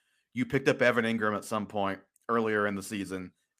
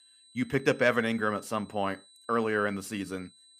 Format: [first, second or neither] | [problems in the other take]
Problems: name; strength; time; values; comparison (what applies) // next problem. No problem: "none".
first | high-pitched whine; faint; throughout; 4 kHz, 25 dB below the speech